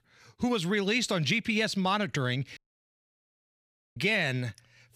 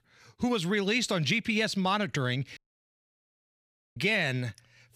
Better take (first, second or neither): neither